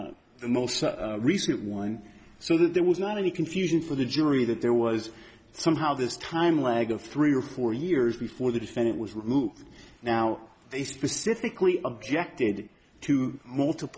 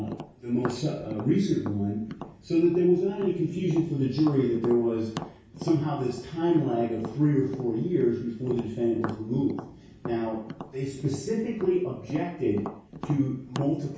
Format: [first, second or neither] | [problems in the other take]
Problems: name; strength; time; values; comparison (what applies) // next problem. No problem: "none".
first | background sound (Tap); 15 dB below the speech // room echo; dies away in 0.6 s